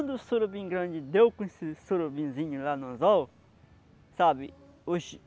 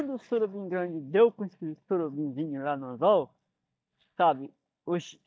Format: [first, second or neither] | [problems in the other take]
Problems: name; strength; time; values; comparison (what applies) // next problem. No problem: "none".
first | noise reduction (neural mask model DeepFilterNet 3)